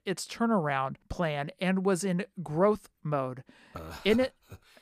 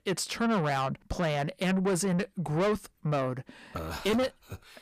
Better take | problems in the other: first | distortion; heavy; 7 dB below the speech

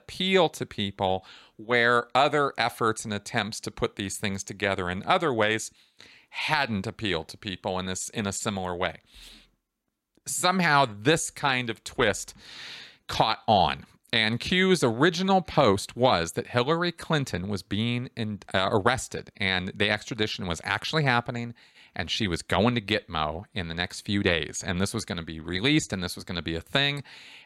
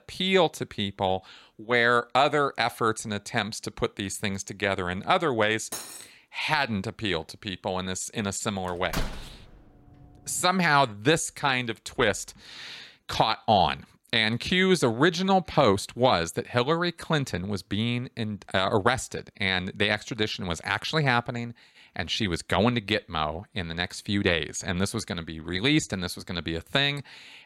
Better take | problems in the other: first | clattering dishes; noticeable; at 5.5 s; peak 10 dB below the speech // door banging; noticeable; at 9 s; peak 7 dB below the speech

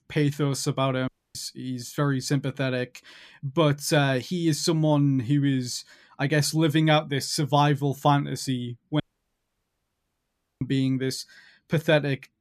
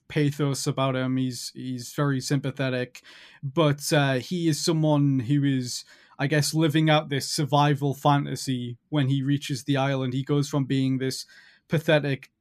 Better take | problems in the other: second | audio cutting out; at 1 s and at 9 s for 1.5 s

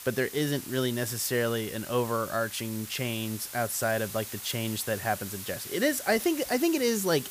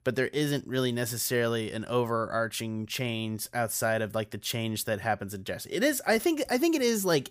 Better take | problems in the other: second | hiss; loud; throughout; 10 dB below the speech

